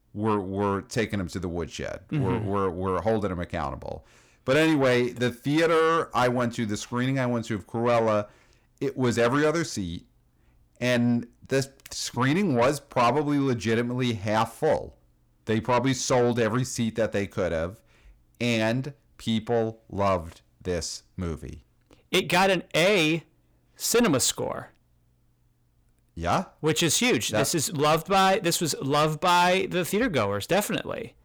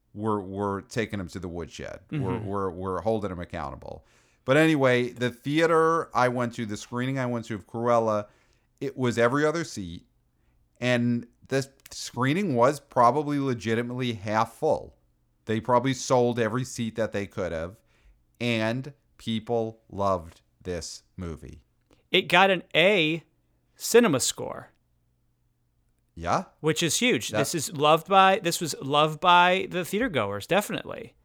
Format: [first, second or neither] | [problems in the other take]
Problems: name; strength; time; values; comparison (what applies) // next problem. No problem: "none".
second | distortion; heavy; 8 dB below the speech